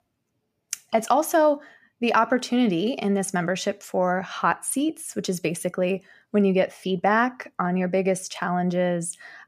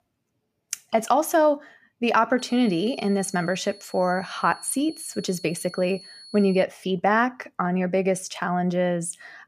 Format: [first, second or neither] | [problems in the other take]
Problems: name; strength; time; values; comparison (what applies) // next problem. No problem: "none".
first | high-pitched whine; noticeable; from 2.5 to 6.5 s; 4.5 kHz, 20 dB below the speech